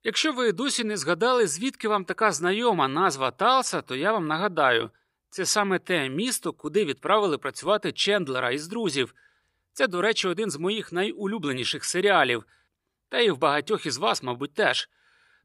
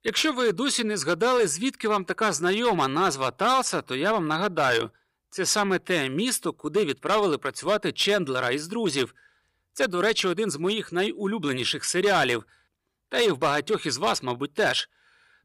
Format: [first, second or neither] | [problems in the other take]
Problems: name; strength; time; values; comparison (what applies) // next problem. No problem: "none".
first | distortion; slight; 5% of the sound clipped